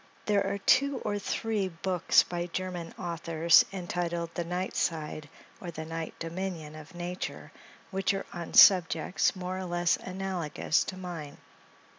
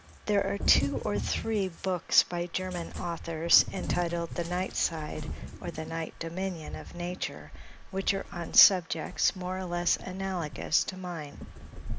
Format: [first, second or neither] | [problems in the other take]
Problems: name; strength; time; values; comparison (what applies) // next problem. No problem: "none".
first | background sound (Cat); 7 dB below the speech